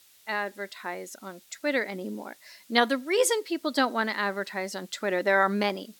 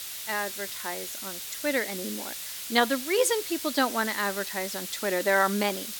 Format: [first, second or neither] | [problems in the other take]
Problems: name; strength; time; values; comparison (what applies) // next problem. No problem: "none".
first | hiss; loud; throughout; 6 dB below the speech; faint in the first